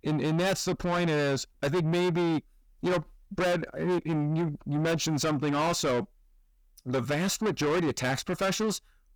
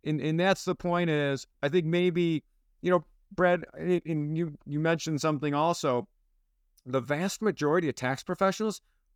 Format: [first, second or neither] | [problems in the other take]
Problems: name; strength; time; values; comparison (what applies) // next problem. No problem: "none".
second | distortion; heavy; 5 dB below the speech